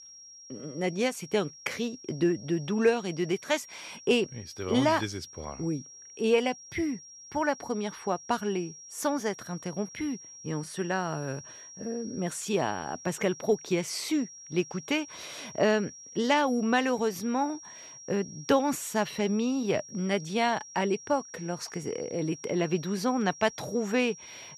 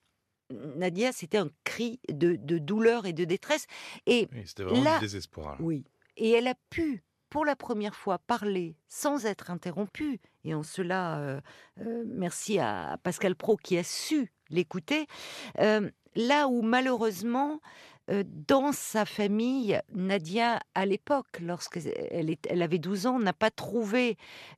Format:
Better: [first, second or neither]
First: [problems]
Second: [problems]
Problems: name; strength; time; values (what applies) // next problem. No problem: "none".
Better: second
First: high-pitched whine; noticeable; throughout; 5.5 kHz, 15 dB below the speech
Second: none